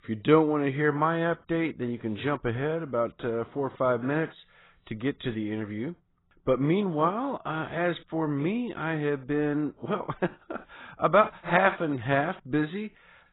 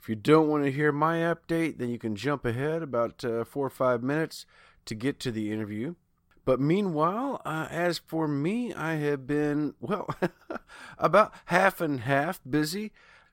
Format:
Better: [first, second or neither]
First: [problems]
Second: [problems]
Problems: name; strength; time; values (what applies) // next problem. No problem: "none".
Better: second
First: garbled, watery; badly; nothing above 4 kHz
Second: none